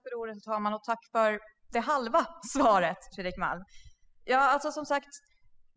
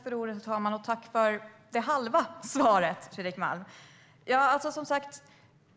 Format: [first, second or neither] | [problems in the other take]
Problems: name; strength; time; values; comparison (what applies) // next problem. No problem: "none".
second | noise reduction (classical method spectral subtraction)